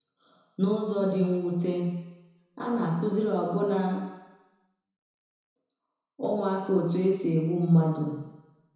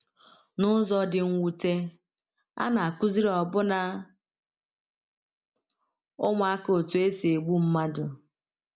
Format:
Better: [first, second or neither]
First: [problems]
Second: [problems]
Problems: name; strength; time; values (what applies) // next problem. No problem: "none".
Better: second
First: room echo; dies away in 1 s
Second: none